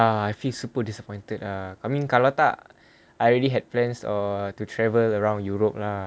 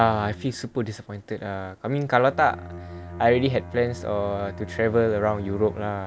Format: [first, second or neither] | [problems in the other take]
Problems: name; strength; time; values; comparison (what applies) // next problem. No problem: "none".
first | background sound (Bowed string instrument); 15 dB below the speech